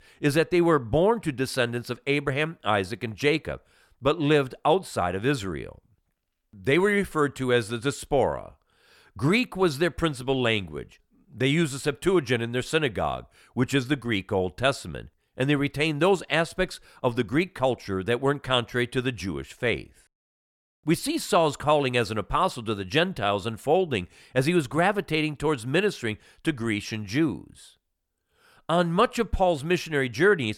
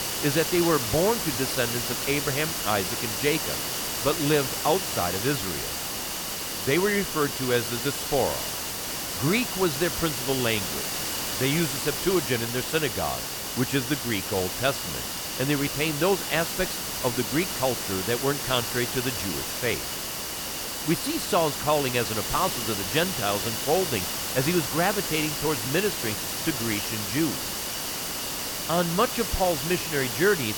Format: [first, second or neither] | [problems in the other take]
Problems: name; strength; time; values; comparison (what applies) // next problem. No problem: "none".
first | hiss; loud; throughout; 1 dB below the speech